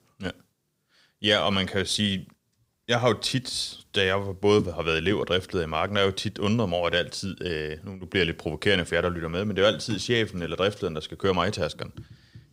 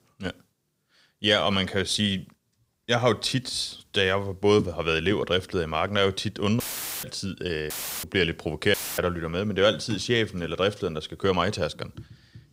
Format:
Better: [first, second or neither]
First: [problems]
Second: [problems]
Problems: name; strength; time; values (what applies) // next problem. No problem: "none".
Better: first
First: none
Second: audio cutting out; filled with static; at 6.5 s, at 7.5 s and at 8.5 s